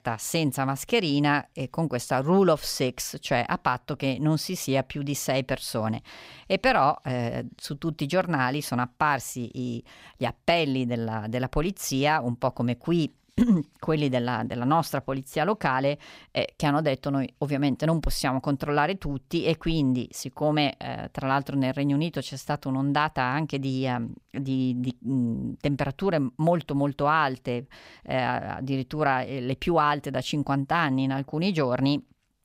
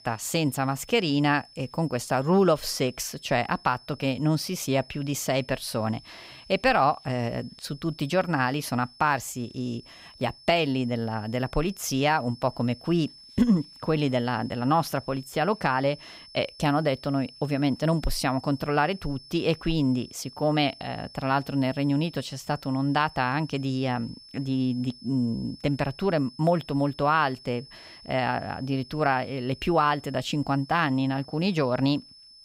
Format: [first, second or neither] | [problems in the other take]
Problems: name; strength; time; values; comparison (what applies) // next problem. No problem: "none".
first | high-pitched whine; faint; throughout; 5.5 kHz, 20 dB below the speech